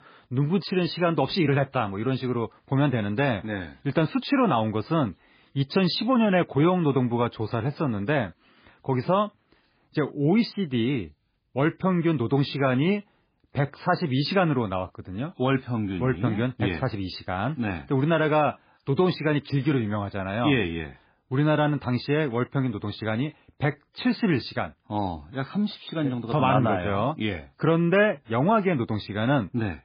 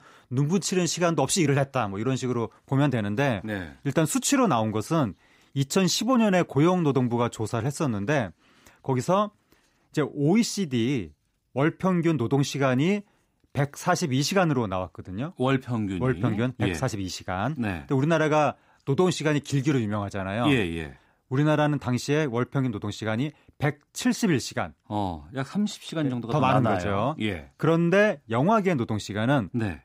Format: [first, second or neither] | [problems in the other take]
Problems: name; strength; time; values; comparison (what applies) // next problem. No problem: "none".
second | garbled, watery; badly; nothing above 4 kHz